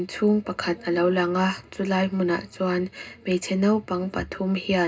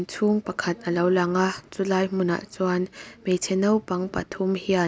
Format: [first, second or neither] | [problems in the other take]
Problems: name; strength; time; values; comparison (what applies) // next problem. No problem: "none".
second | room echo; dies away in 0.2 s